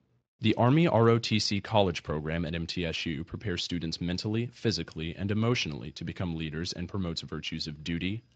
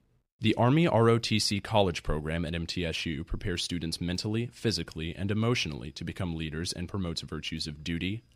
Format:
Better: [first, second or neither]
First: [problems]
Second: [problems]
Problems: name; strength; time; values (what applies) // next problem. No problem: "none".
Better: second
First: garbled, watery; slightly; nothing above 7.5 kHz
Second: none